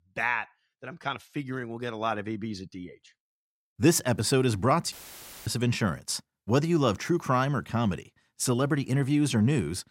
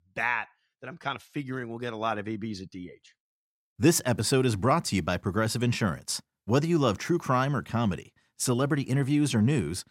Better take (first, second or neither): second